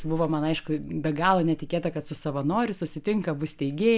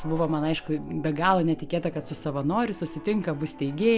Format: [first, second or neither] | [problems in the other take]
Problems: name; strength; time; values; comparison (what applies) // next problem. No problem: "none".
first | background sound (Piano); 19 dB below the speech